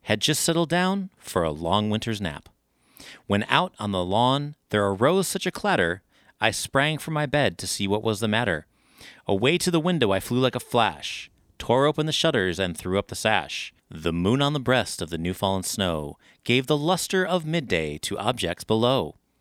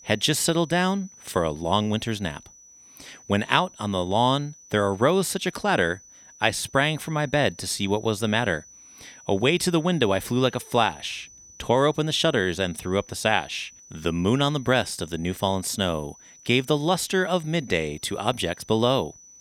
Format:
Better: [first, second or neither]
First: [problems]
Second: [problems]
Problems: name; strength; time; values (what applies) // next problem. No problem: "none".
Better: first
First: none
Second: high-pitched whine; faint; throughout; 6 kHz, 25 dB below the speech